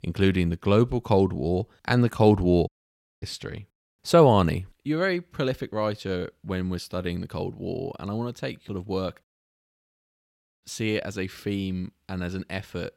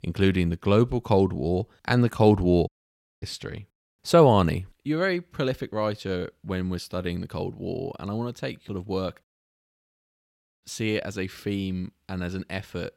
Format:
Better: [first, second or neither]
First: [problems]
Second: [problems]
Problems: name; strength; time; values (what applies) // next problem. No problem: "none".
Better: neither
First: audio cutting out; at 2.5 s for 0.5 s and at 9 s for 1.5 s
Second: audio cutting out; at 2.5 s for 0.5 s and at 9 s for 1.5 s